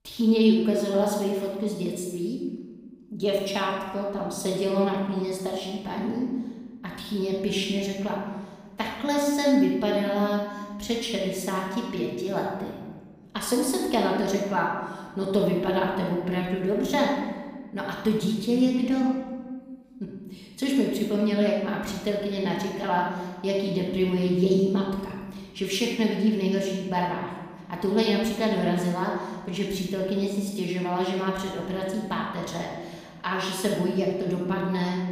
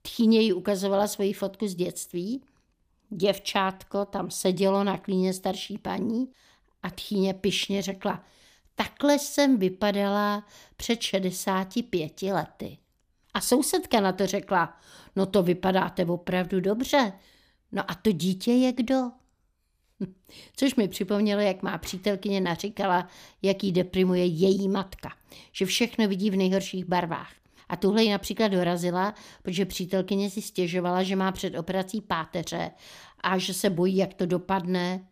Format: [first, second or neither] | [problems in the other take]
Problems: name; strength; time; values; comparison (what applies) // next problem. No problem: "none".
second | room echo; noticeable; dies away in 1.2 s // off-mic speech; far